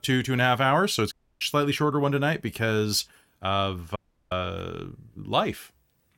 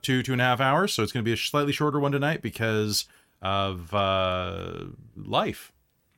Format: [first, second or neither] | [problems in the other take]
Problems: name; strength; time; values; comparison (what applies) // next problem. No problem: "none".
second | audio cutting out; at 1 s and at 4 s